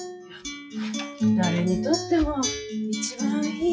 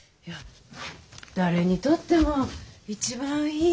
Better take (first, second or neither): second